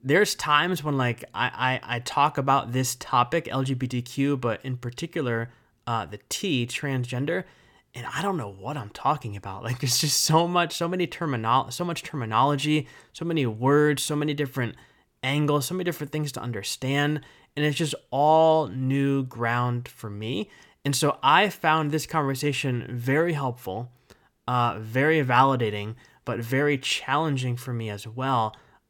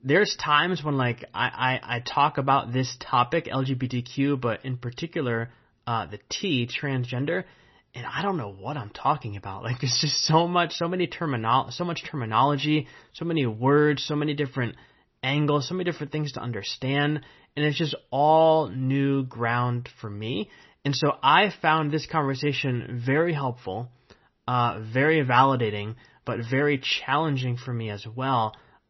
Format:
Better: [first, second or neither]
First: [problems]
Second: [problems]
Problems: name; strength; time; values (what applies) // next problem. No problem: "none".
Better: first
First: none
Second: garbled, watery; slightly; nothing above 6 kHz